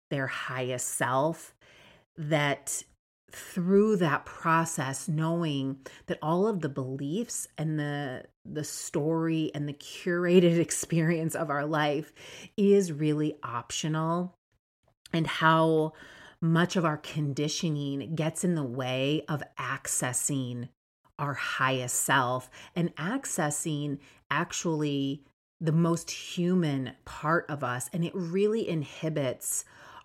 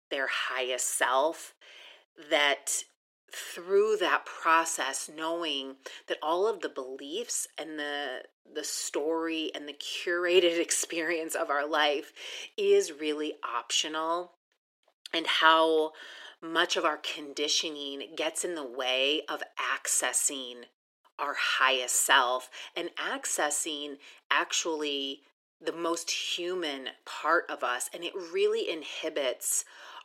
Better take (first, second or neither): first